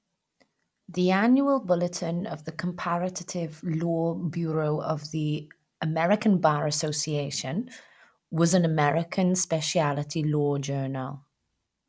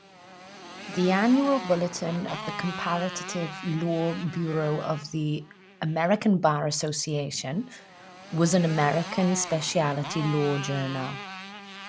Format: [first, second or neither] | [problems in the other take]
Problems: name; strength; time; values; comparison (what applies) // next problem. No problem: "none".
first | background sound (Motorcycle); 12 dB below the speech